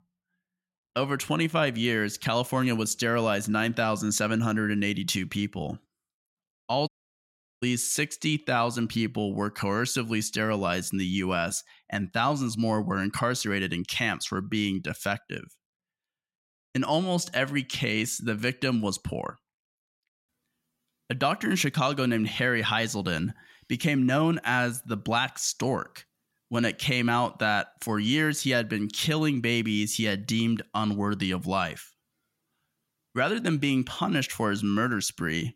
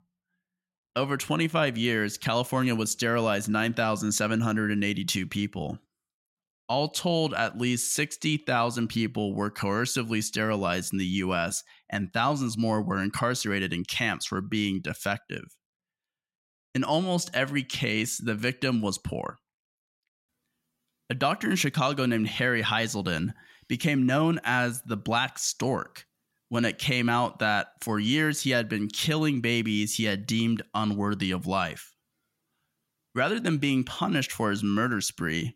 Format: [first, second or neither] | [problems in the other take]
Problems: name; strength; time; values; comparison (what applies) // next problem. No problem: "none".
second | audio cutting out; at 7 s for 0.5 s